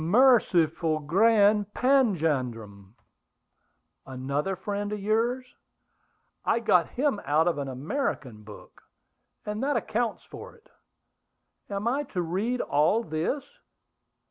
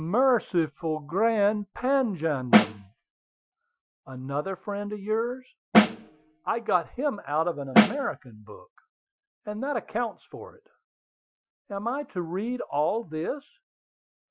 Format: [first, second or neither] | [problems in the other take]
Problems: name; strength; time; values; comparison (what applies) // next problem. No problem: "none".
first | noise reduction (classical method Wiener filter)